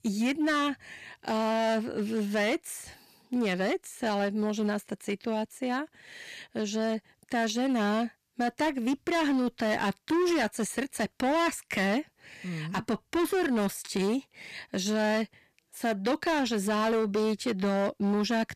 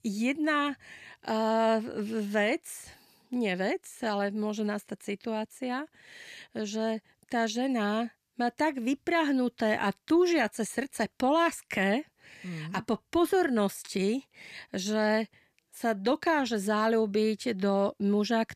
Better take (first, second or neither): second